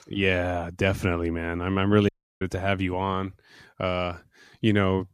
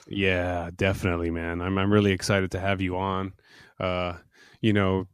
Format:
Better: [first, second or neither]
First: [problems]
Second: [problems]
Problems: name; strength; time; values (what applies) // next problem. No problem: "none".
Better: second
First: audio cutting out; at 2 s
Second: none